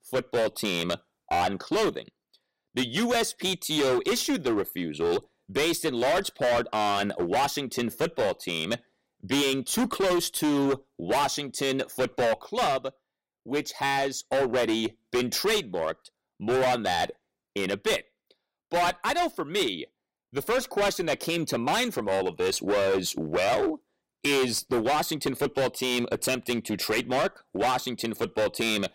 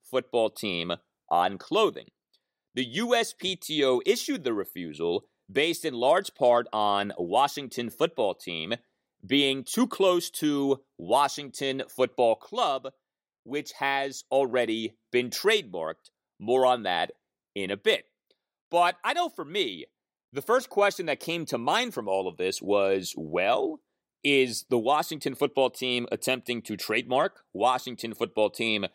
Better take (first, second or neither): second